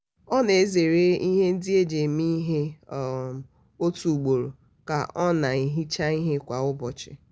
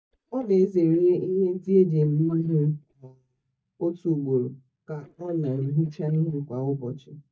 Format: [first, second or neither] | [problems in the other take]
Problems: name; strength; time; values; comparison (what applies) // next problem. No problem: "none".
first | noise reduction (neural mask model DeepFilterNet 3)